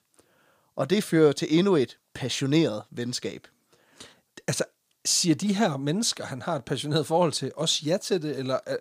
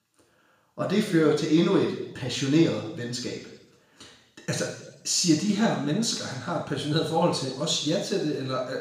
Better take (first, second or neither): first